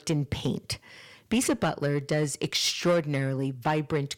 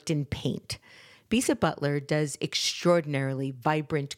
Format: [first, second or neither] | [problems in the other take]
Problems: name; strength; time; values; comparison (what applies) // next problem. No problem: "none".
second | distortion; slight; 10 dB below the speech